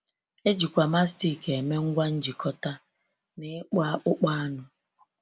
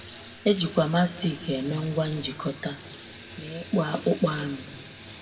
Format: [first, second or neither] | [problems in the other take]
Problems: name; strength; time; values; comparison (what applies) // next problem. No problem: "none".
first | background sound (Bathtub (filling or washing) / Water tap, faucet); 16 dB below the speech // room echo; dies away in 0.9 s